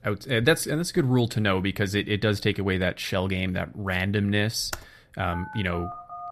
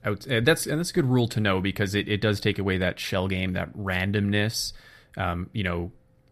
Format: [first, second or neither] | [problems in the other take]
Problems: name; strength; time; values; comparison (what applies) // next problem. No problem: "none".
second | keyboard typing; faint; at 4.5 s; peak 10 dB below the speech // phone ringing; faint; at 5.5 s; peak 15 dB below the speech